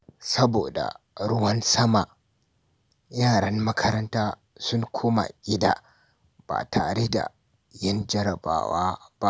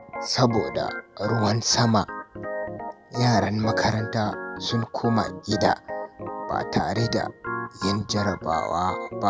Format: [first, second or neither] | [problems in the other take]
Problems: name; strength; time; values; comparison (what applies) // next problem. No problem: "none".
first | background sound (Organ); 8 dB below the speech